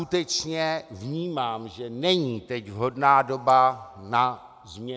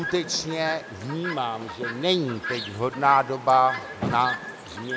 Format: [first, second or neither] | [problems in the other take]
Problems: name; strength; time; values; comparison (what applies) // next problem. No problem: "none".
first | background sound (Chirp, tweet); 9 dB below the speech